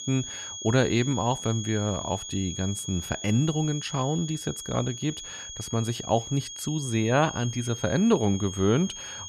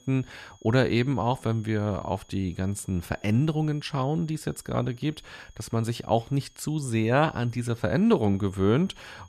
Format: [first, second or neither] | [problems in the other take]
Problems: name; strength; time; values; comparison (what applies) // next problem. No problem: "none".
second | high-pitched whine; loud; throughout; 3.5 kHz, 9 dB below the speech; faint in the second